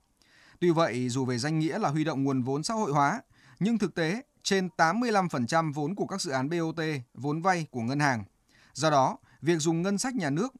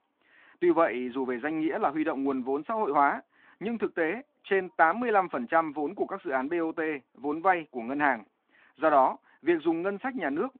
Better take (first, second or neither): first